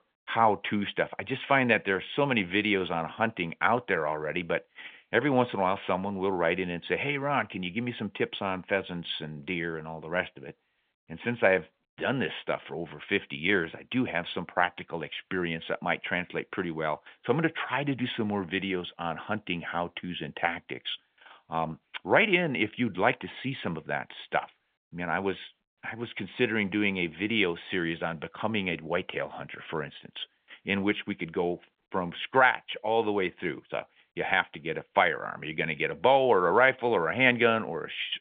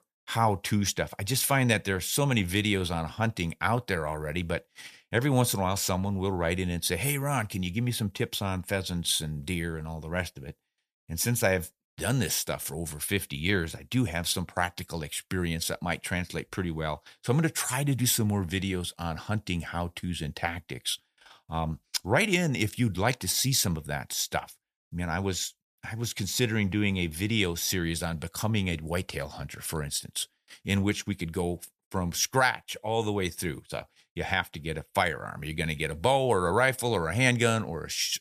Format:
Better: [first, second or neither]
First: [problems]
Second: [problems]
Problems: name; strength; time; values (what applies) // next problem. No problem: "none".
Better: second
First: phone-call audio; nothing above 3.5 kHz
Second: none